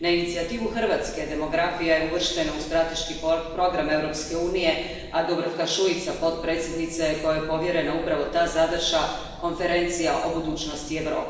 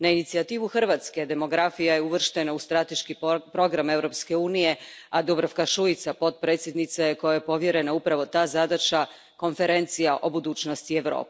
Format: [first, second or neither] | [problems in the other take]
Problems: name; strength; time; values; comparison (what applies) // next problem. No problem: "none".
second | background sound (Train / Breathing); 15 dB below the speech // room echo; dies away in 1.2 s